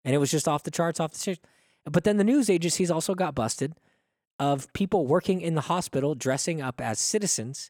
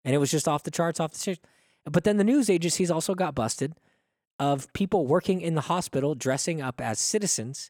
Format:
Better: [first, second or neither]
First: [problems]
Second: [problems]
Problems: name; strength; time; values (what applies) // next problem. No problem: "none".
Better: neither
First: none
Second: none